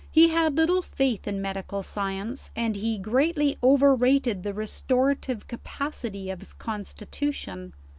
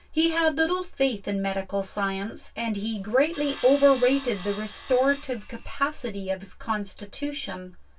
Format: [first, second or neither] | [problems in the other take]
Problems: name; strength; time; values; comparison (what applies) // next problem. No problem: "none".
first | background sound (Sawing); 17 dB below the speech // room echo; dies away in 0.1 s